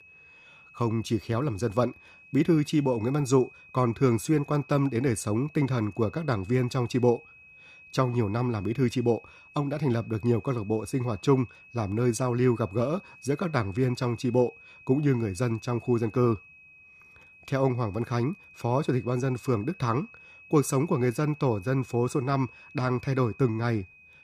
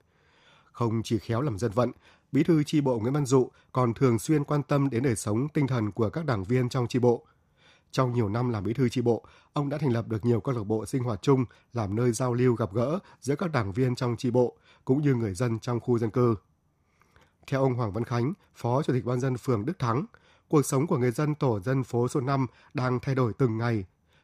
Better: second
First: high-pitched whine; faint; throughout; 2.5 kHz, 20 dB below the speech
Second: none

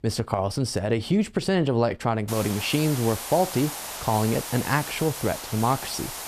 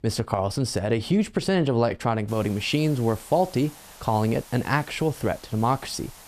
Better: second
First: hiss; loud; from 2.5 s on; 8 dB below the speech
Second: hiss; faint; from 2.5 s on; 20 dB below the speech

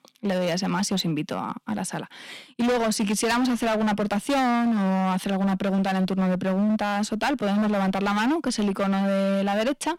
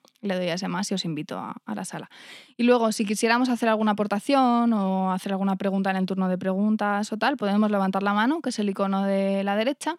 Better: second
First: distortion; heavy; 22% of the sound clipped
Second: none

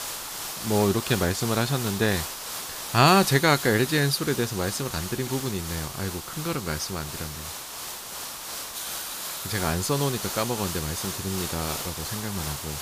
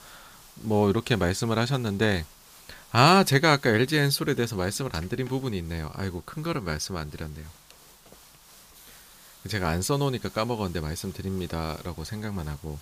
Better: second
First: hiss; loud; throughout; 6 dB below the speech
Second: hiss; faint; throughout; 25 dB below the speech

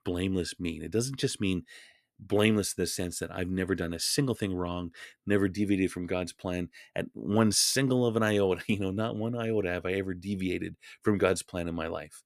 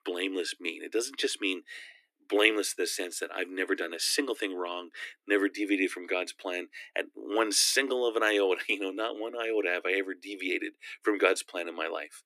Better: first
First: none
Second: thin; somewhat; fading below 300 Hz

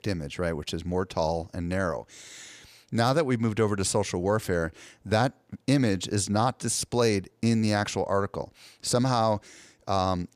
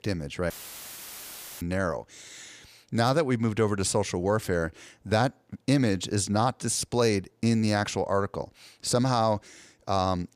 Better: first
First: none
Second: audio cutting out; filled with static; at 0.5 s for 1 s

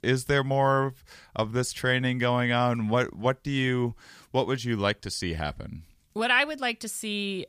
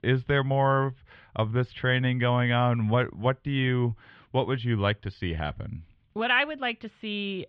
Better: first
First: none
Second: muffled; very; fading above 3.5 kHz

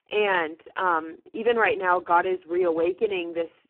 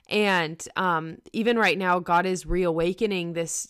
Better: second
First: phone-call audio; poor line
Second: none

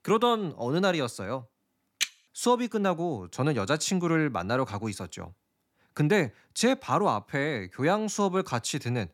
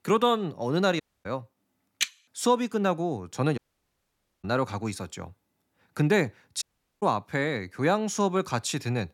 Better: first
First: none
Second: audio cutting out; at 1 s, at 3.5 s for 1 s and at 6.5 s

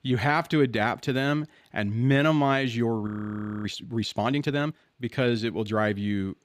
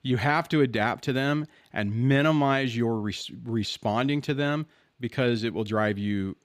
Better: second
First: audio freezing; at 3 s for 0.5 s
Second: none

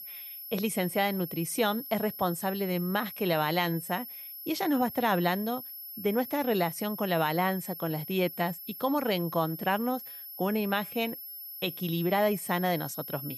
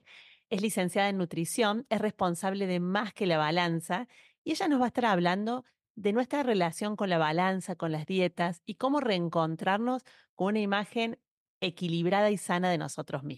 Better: second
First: high-pitched whine; loud; throughout; 11.5 kHz, 10 dB below the speech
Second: none

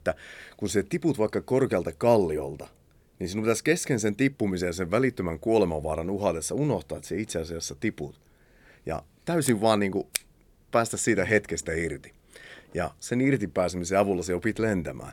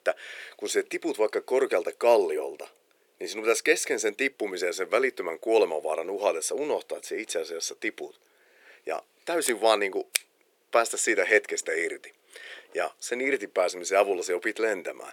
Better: first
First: none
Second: thin; very; fading below 400 Hz

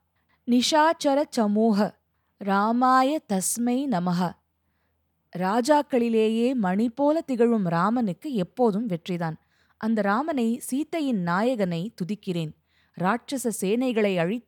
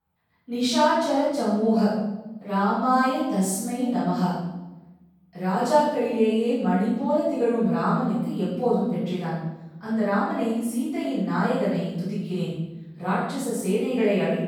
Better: first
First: none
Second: off-mic speech; far // room echo; strong; dies away in 0.9 s

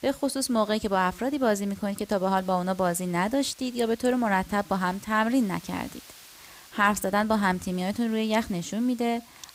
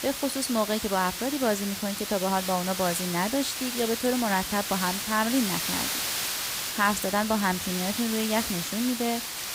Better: first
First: hiss; faint; throughout; 25 dB below the speech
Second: hiss; loud; throughout; 2 dB below the speech

